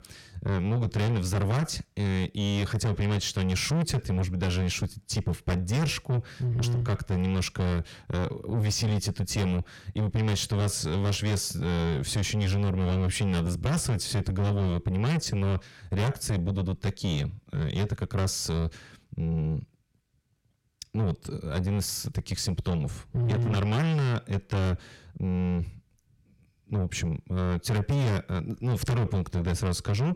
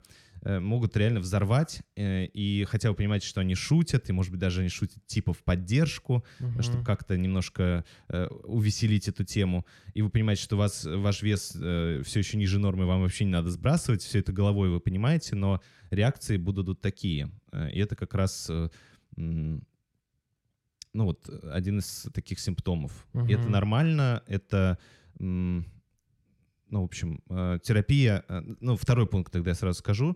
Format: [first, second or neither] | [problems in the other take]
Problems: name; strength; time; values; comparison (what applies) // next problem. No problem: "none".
second | distortion; heavy; 7 dB below the speech